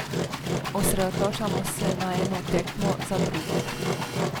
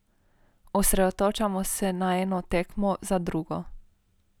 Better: second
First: background sound (Engine); 2 dB above the speech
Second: none

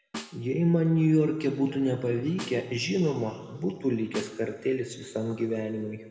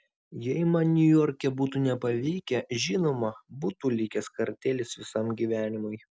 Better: second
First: background sound (Snare drum); 18 dB below the speech // room echo; dies away in 1.7 s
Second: none

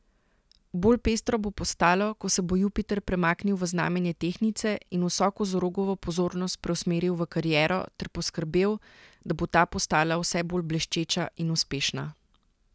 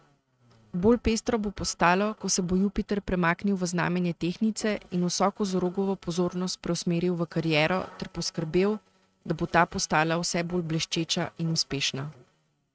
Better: first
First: none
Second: noise reduction (neural mask model RNNoise)

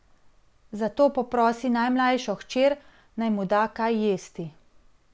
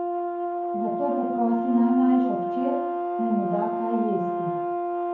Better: first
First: none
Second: background sound (Brass instrument); 1 dB below the speech // room echo; dies away in 0.9 s

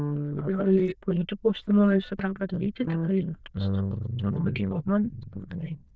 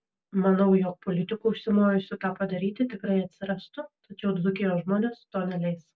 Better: second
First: noise reduction (neural diffusion model UNIVERSE++)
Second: none

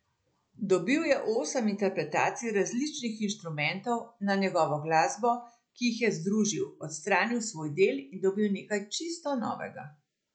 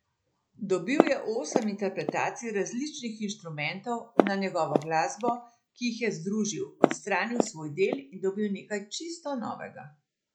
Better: first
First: none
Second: background sound (Walk, footsteps); 1 dB above the speech

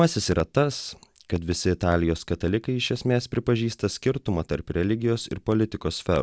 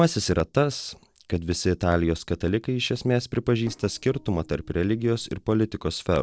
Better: first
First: none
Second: noise reduction (neural separator model SepFormer DNS4)

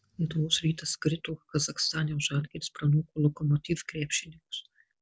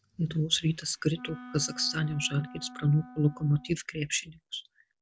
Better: first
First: none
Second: background sound (Wind instrument, woodwind instrument); 17 dB below the speech

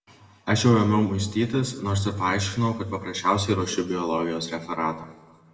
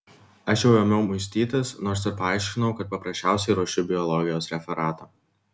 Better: second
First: room echo; dies away in 1.5 s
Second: none

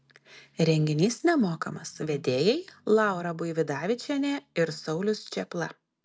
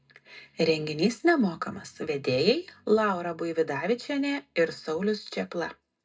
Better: first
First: none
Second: room echo; dies away in 0.2 s

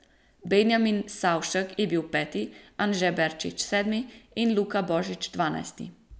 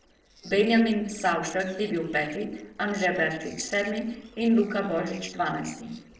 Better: first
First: none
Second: noise reduction (neural separator model SepFormer DNS4)

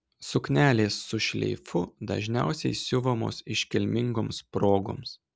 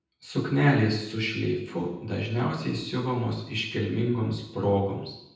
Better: first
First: none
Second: room echo; dies away in 0.8 s

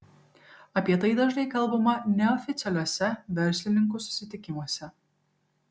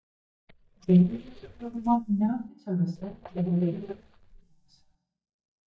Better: first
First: none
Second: noise reduction (neural mask model DeepFilterNet 3)

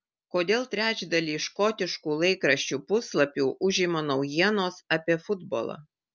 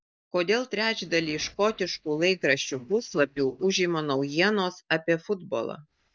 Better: first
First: none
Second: noise reduction (neural mask model DeepFilterNet 3)

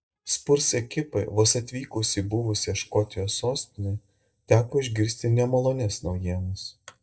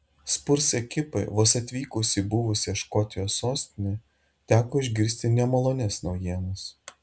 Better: second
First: noise reduction (neural mask model DeepFilterNet 3)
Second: none

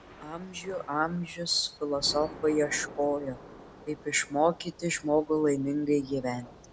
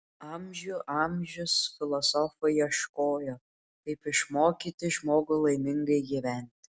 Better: second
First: background sound (Thunder / Rain); 18 dB below the speech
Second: none

